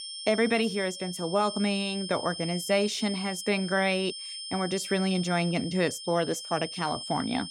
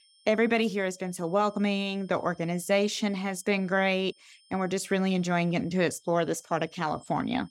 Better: second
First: high-pitched whine; loud; throughout; 5 kHz, 8 dB below the speech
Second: high-pitched whine; faint; throughout; 5 kHz, 30 dB below the speech

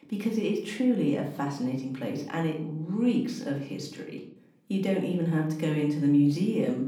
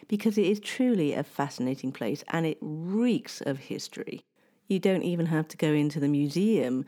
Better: second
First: room echo; slight; dies away in 0.6 s // off-mic speech; somewhat distant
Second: none

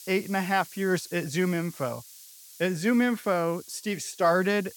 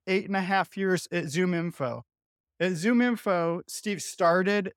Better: second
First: hiss; noticeable; throughout; 20 dB below the speech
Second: none

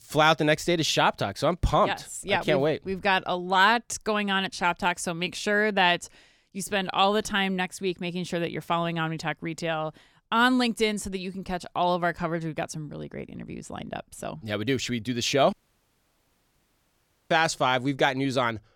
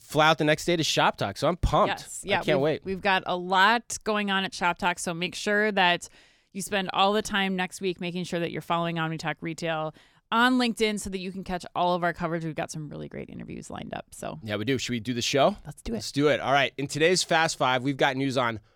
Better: second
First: audio cutting out; at 16 s for 2 s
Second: none

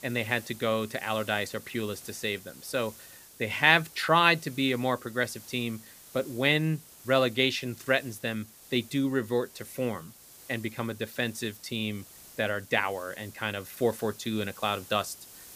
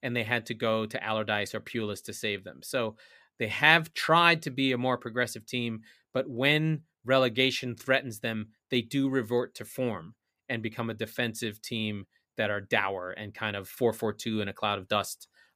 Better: second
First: hiss; noticeable; throughout; 20 dB below the speech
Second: none

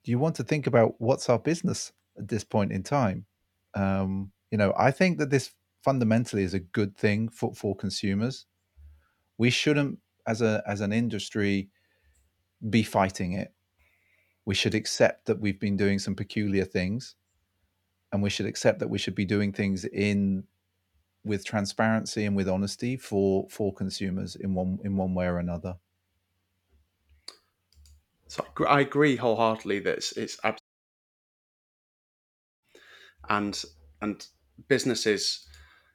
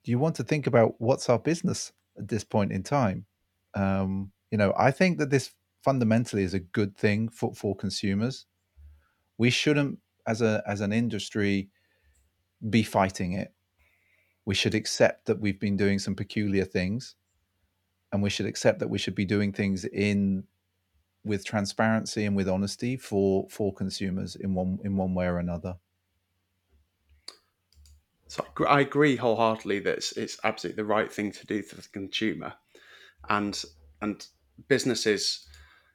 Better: second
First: audio cutting out; at 31 s for 2 s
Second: none

